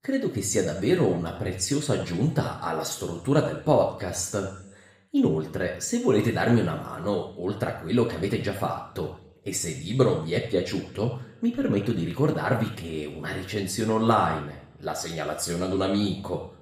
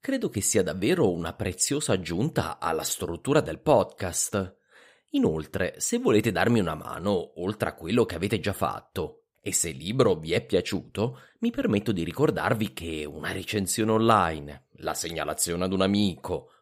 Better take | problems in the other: second | room echo; slight; dies away in 0.7 s // off-mic speech; somewhat distant

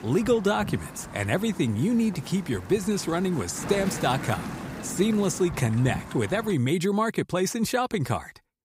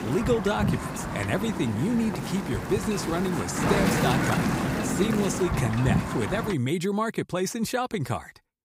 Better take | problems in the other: first | wind noise on the microphone; heavy; until 6.5 s; 1 dB below the speech; occasional gusts in the first

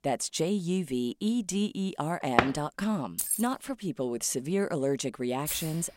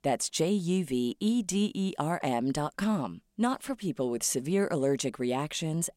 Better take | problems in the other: second | door banging; loud; at 2.5 s; peak 3 dB above the speech // jangling keys; loud; at 3 s; peak 1 dB above the speech // jangling keys; noticeable; at 5.5 s; peak 3 dB below the speech

